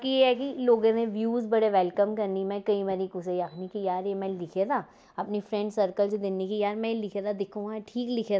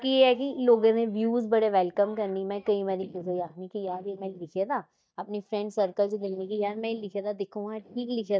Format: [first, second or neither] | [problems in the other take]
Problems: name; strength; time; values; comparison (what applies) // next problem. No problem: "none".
first | noise reduction (neural mask model DeepFilterNet 3)